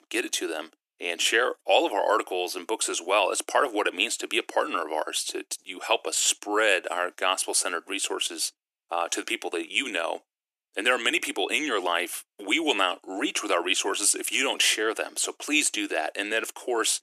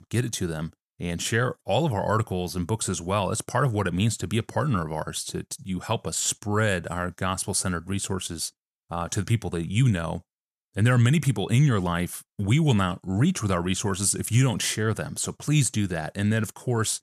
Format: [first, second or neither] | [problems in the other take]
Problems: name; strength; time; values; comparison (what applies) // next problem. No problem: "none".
second | thin; very; fading below 300 Hz